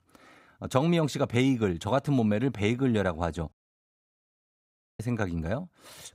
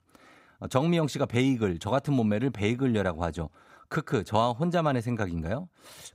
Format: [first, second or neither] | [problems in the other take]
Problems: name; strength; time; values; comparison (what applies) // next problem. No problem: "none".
second | audio cutting out; at 3.5 s for 1.5 s